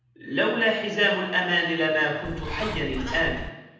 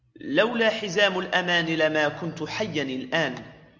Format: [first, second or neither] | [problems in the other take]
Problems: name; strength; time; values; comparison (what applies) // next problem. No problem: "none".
second | background sound (Bird); 8 dB below the speech // room echo; dies away in 0.9 s